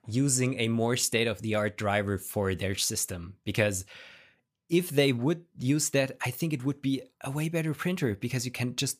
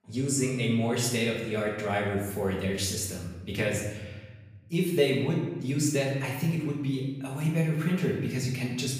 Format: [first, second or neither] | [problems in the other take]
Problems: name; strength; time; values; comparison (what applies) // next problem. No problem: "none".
first | off-mic speech; far // room echo; noticeable; dies away in 1.1 s